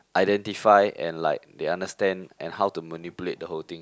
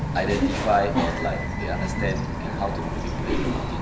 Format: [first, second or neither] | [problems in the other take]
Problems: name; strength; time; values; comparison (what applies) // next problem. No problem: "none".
first | background sound (Bird vocalization, bird call, bird song); 2 dB above the speech // room echo; dies away in 1 s